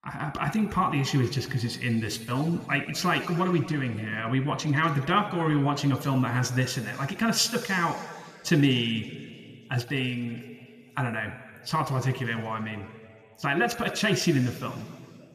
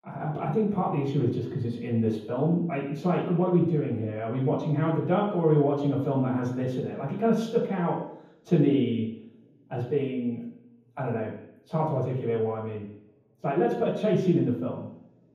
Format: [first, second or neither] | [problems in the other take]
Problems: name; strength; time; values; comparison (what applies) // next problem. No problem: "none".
first | room echo; strong; dies away in 0.9 s; slight in the first // off-mic speech; far